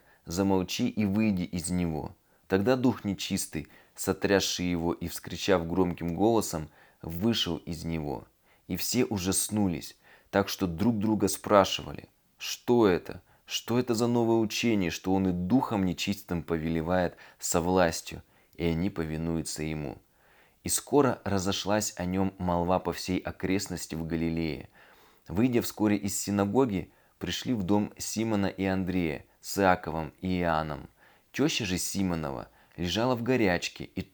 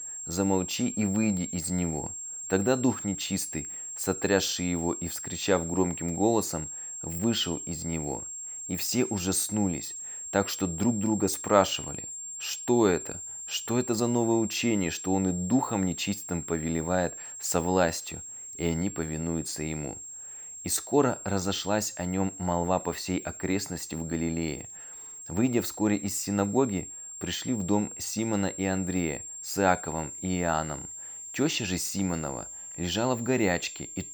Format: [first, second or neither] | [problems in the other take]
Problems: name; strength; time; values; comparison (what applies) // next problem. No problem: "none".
first | high-pitched whine; loud; throughout; 7.5 kHz, 8 dB below the speech